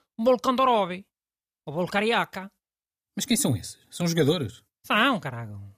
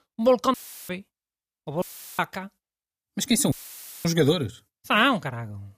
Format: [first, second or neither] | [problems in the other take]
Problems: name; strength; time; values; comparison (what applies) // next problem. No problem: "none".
first | audio cutting out; filled with static; at 0.5 s, at 2 s and at 3.5 s for 0.5 s